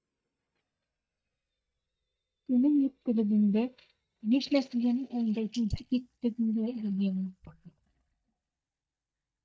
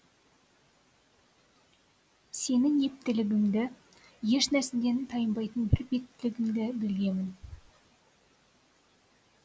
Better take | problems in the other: second | noise reduction (neural mask model DeepFilterNet 3)

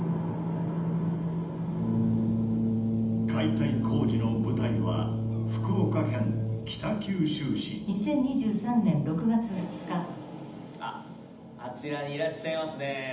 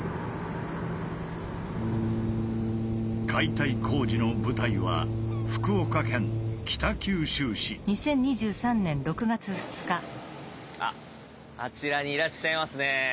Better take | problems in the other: second | room echo; dies away in 0.8 s

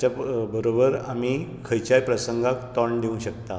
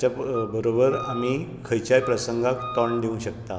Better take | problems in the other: first | background sound (Wind instrument, woodwind instrument); 13 dB below the speech

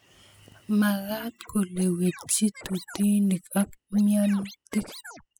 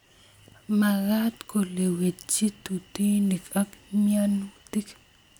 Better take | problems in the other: second | noise reduction (classical method spectral subtraction)

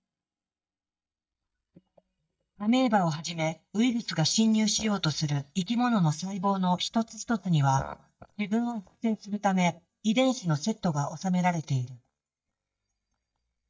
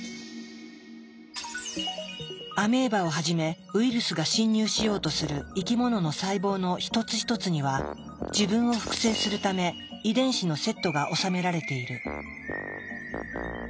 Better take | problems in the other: second | noise reduction (neural mask model DeepFilterNet 3)

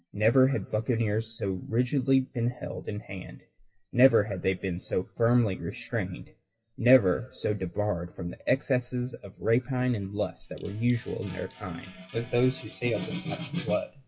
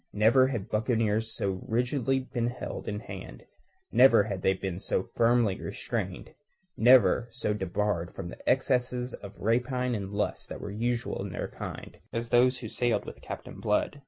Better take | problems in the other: second | noise reduction (classical method WPE with log-MMSE)

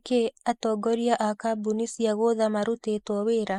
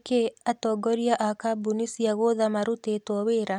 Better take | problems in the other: second | noise reduction (neural mask model Resemble Enhance denoiser)

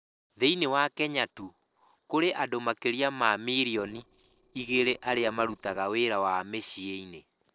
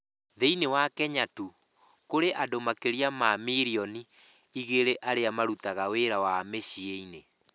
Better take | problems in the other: second | noise reduction (neural separator model SepFormer DNS4)

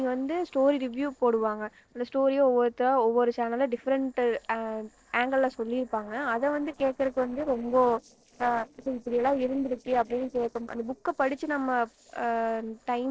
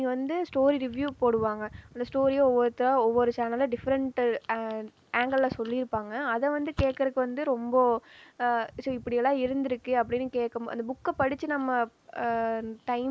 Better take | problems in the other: second | noise reduction (neural separator model SepFormer DNS4)

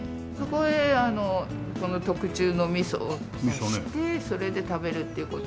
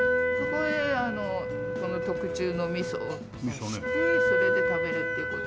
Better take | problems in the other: first | background sound (Wind instrument, woodwind instrument); 4 dB above the speech

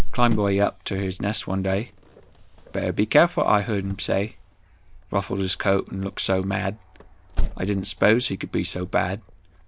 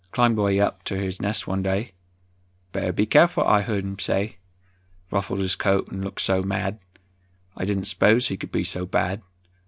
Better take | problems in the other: second | background sound (Cricket); 4 dB below the speech

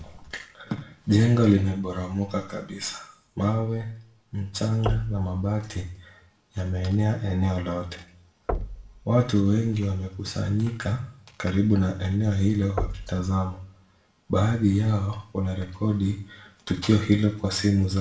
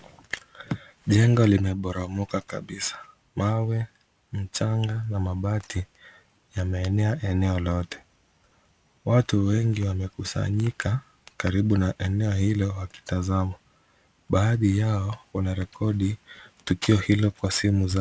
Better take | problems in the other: second | background sound (Knock); 12 dB below the speech // room echo; dies away in 0.4 s

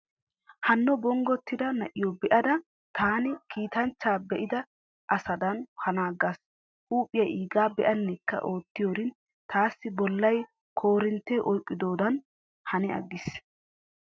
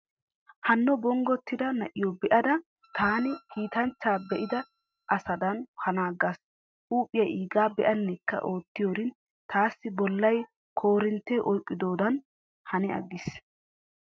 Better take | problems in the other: first | noise reduction (neural mask model RNNoise)

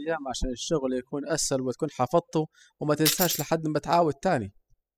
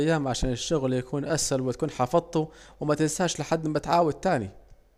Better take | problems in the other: second | noise reduction (classical method spectral subtraction)

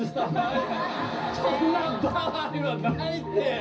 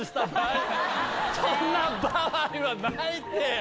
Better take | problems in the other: second | room echo; dies away in 0.4 s

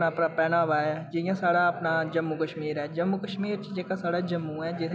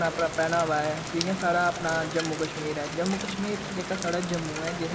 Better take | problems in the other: first | background sound (Rain); 7 dB below the speech

